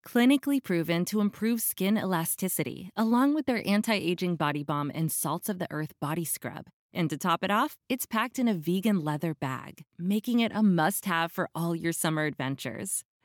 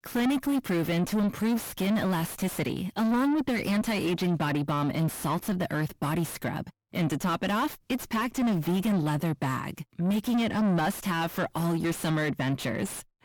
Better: first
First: none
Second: distortion; heavy; 5 dB below the speech

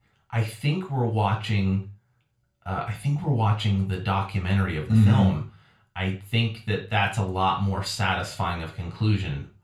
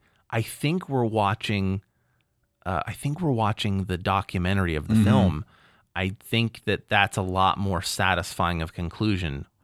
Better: second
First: room echo; slight; dies away in 0.3 s // off-mic speech; far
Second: none

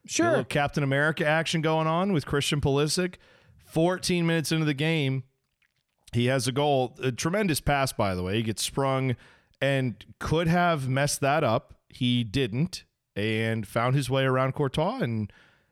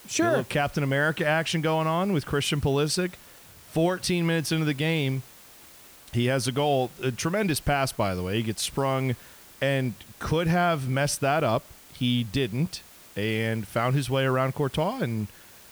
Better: first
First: none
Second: hiss; faint; throughout; 20 dB below the speech

